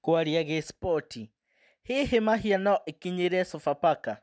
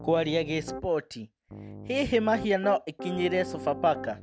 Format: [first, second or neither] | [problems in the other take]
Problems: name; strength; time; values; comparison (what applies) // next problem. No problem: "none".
first | background sound (Piano); 12 dB below the speech